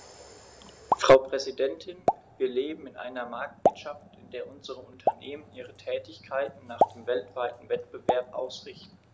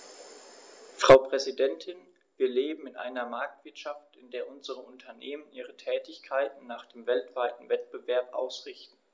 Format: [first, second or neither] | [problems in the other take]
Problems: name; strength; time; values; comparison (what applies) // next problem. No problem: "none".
second | background sound (Explosion); 2 dB below the speech